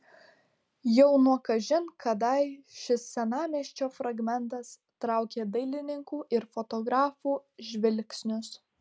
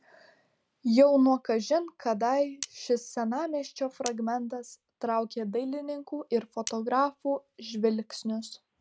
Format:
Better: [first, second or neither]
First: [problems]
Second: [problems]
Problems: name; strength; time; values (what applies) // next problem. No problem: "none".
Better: first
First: none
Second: background sound (Cutlery, silverware); 17 dB below the speech